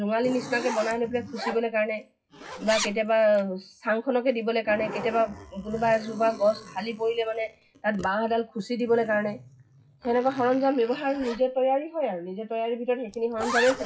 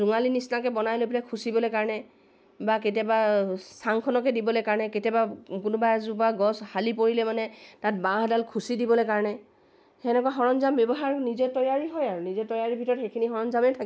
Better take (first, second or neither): second